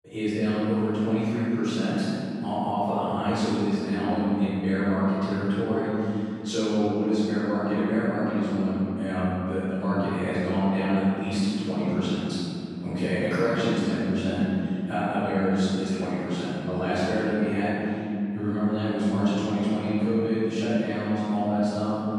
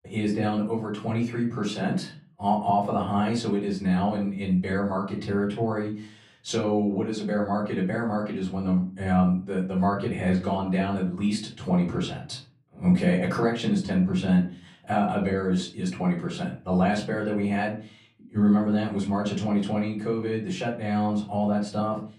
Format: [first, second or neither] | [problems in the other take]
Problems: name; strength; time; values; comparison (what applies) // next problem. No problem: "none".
second | room echo; strong; dies away in 3 s; slight in the second // off-mic speech; far; far in the second